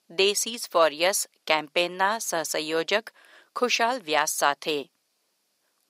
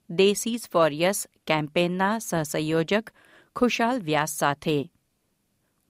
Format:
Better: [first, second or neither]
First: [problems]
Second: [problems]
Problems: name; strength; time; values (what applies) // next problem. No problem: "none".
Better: second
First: thin; somewhat; fading below 500 Hz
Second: none